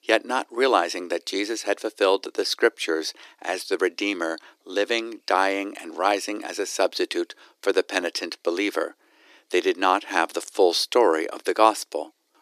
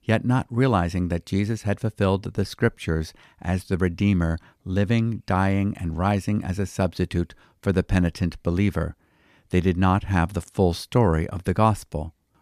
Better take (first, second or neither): second